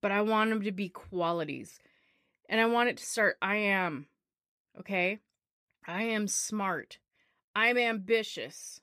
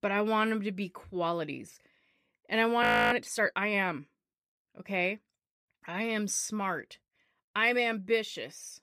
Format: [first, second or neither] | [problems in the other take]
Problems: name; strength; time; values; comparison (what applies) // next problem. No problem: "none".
first | audio freezing; at 3 s